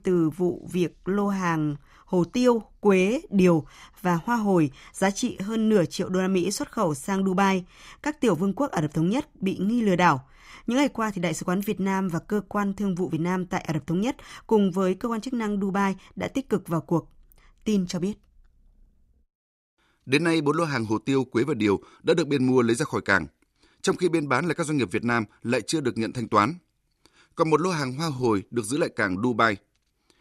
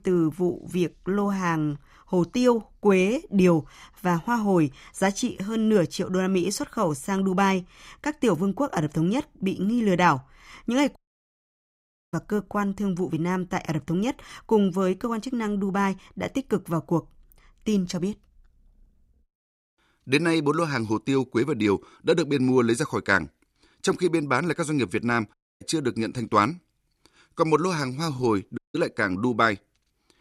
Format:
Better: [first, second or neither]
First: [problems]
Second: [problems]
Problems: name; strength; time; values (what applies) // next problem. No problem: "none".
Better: first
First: none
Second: audio cutting out; at 11 s for 1 s, at 25 s and at 29 s